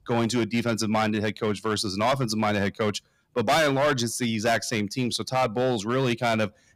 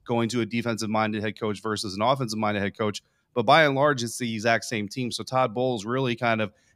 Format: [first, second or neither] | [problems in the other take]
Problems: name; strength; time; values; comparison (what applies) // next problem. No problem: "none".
second | distortion; heavy; 9% of the sound clipped